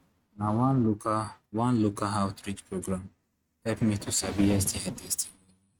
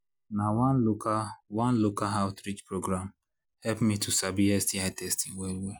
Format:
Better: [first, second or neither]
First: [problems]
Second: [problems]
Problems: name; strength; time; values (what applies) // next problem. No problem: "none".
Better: second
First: noise reduction (neural mask model RNNoise)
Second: none